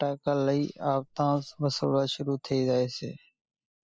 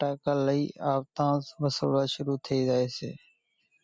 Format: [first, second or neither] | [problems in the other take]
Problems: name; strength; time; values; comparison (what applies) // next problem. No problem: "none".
second | noise reduction (neural mask model Resemble Enhance denoiser)